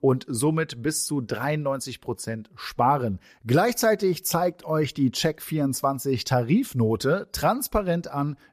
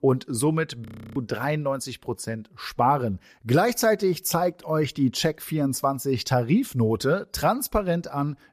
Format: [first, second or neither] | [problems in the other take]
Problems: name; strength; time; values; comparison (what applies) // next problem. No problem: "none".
first | audio freezing; at 1 s